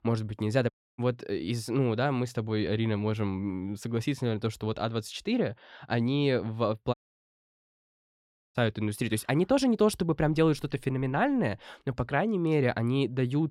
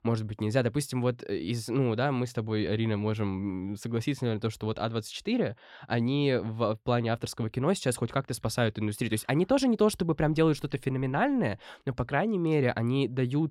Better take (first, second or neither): second